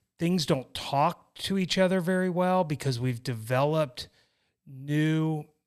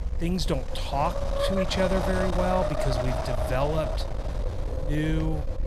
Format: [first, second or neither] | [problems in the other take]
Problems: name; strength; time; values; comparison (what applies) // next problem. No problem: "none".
first | wind noise on the microphone; heavy; 1 dB below the speech